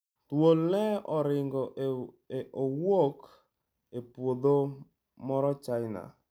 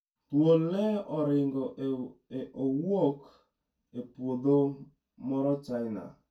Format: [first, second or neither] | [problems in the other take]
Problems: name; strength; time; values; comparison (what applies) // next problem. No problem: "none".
first | room echo; dies away in 0.2 s